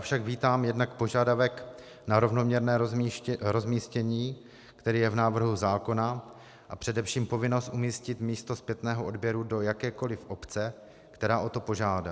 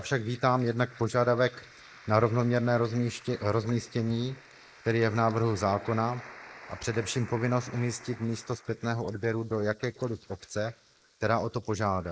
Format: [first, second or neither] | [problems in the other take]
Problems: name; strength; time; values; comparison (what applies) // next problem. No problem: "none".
first | noise reduction (neural mask model Resemble Enhance denoiser)